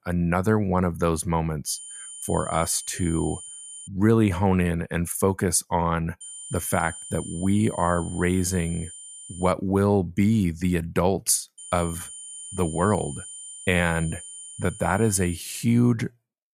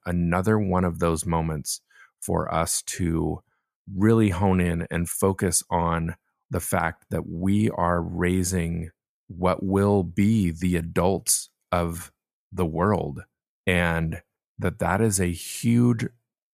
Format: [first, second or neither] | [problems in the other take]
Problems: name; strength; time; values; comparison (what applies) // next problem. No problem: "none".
second | high-pitched whine; noticeable; from 1.5 to 4 s, from 6 to 9.5 s and from 12 to 15 s; 9 kHz, 15 dB below the speech